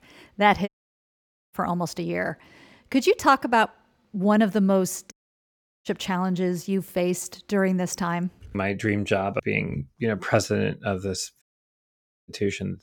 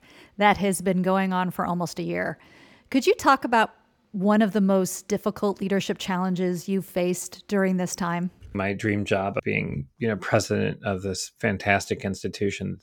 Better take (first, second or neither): second